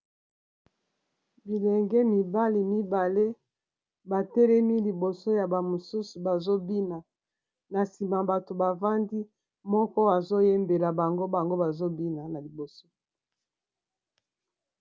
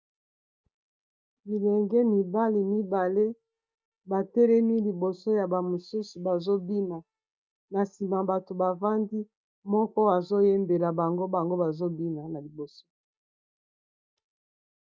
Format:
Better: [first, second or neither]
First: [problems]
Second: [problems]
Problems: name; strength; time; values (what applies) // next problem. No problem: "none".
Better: first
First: none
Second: noise reduction (neural mask model DeepFilterNet 3)